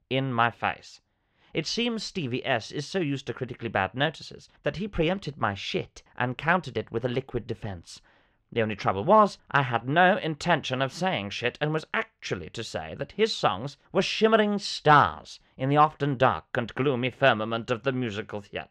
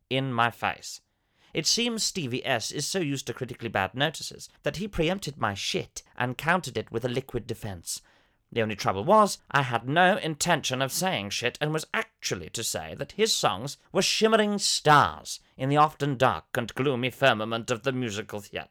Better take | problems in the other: second | muffled; slightly; fading above 3 kHz

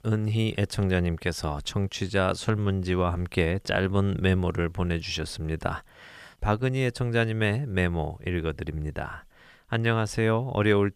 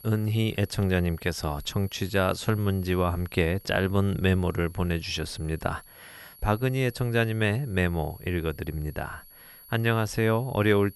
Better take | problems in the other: first | high-pitched whine; faint; throughout; 11.5 kHz, 20 dB below the speech

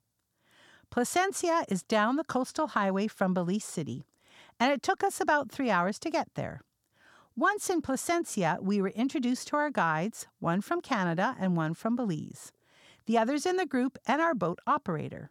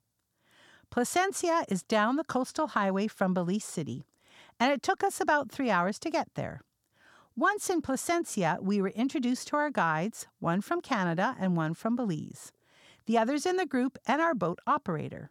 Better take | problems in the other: neither | none

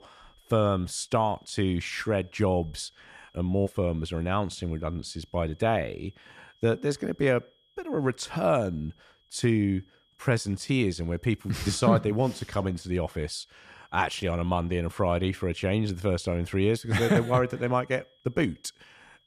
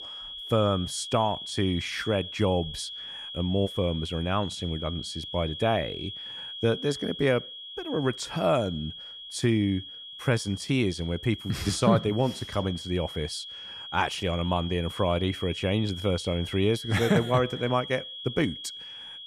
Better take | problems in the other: first | high-pitched whine; loud; throughout; 3.5 kHz, 10 dB below the speech; faint in the first

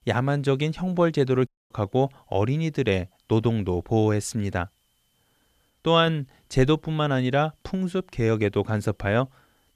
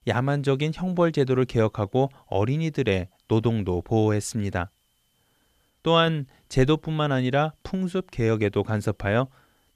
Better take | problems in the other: second | audio cutting out; at 1.5 s

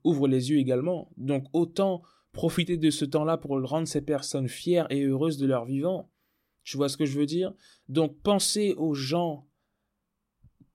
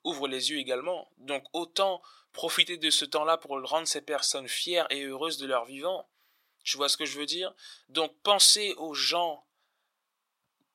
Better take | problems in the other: first | thin; very; fading below 950 Hz

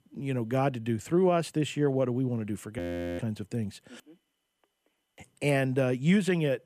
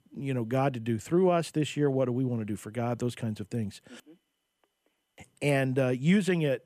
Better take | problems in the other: second | audio freezing; at 3 s

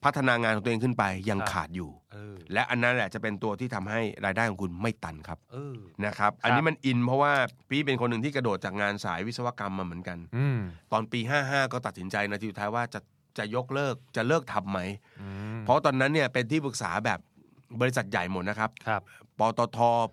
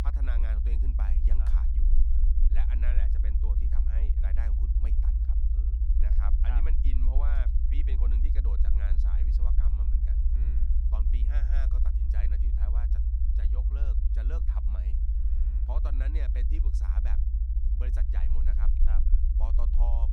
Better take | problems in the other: first | low rumble; loud; throughout; 1 dB below the speech

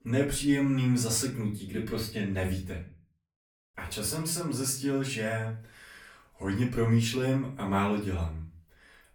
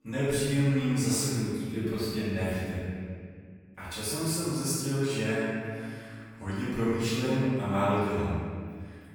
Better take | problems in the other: first | room echo; strong; dies away in 2 s; slight in the first // off-mic speech; far; far in the first

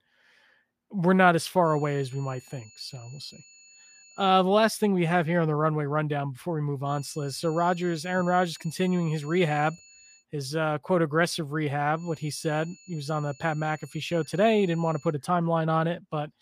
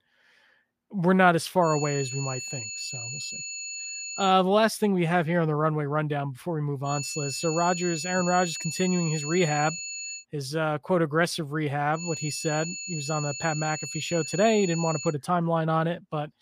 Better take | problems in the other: first | high-pitched whine; loud; from 1.5 to 4.5 s, from 7 to 10 s and from 12 to 15 s; 7 kHz, 7 dB below the speech; faint in the first

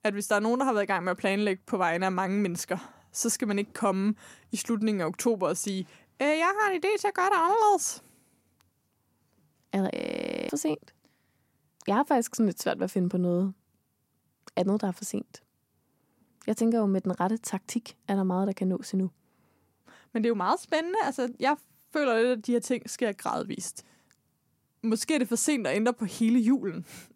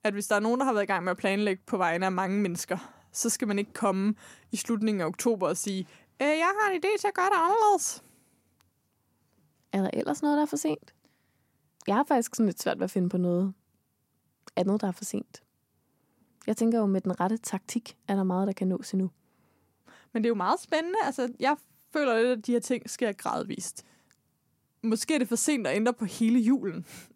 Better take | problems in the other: second | audio freezing; at 10 s for 0.5 s

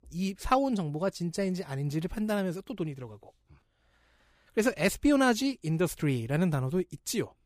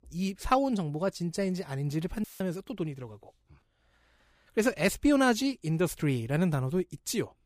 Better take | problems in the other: first | audio cutting out; filled with static; at 2 s

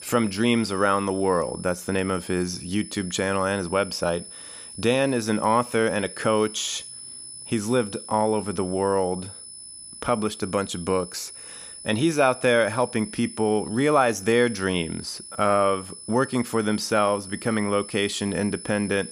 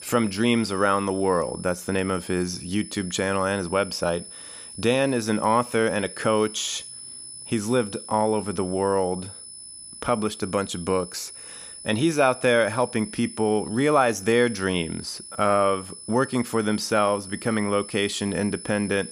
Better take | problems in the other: neither | high-pitched whine; noticeable; throughout; 10 kHz, 15 dB below the speech; the same in both

